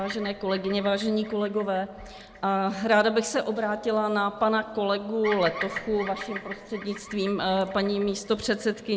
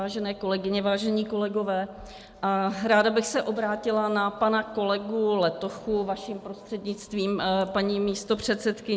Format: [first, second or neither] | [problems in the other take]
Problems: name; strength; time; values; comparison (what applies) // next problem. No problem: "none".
second | background sound (Bird vocalization, bird call, bird song); 15 dB below the speech